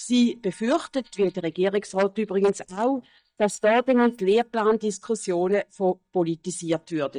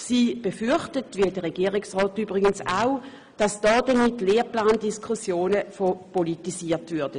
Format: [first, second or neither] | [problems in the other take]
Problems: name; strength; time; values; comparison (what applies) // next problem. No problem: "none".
second | noise reduction (neural mask model DeepFilterNet 3)